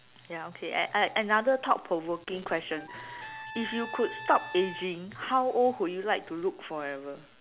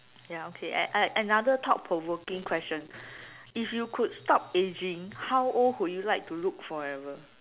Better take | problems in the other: second | background sound (Trumpet); 14 dB below the speech

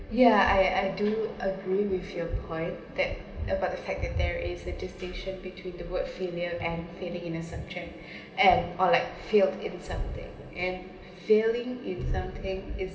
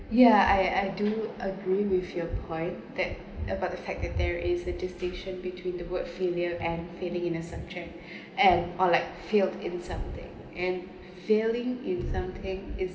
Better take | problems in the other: second | room echo; dies away in 1.1 s

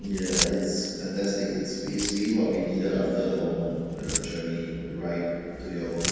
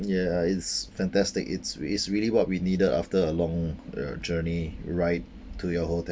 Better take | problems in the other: second | background sound (Keys jangling); 8 dB below the speech // room echo; dies away in 2.1 s

